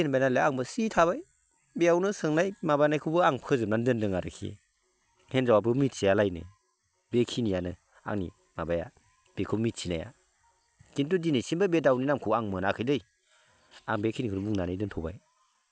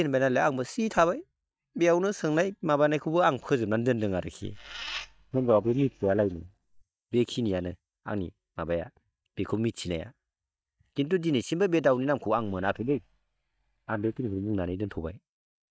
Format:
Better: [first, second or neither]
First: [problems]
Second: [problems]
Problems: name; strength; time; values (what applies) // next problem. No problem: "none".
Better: first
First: none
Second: noise reduction (neural mask model DeepFilterNet 3)